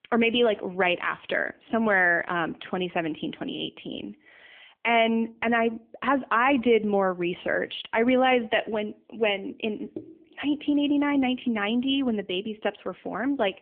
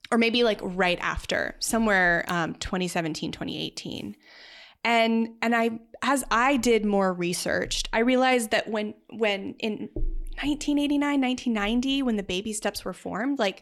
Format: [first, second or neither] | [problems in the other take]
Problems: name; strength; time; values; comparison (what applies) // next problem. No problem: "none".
second | phone-call audio; nothing above 3.5 kHz